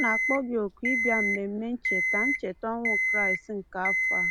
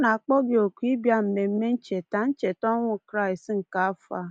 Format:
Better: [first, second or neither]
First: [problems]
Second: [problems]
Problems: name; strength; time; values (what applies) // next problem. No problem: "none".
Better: second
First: background sound (Alarm); 3 dB above the speech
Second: none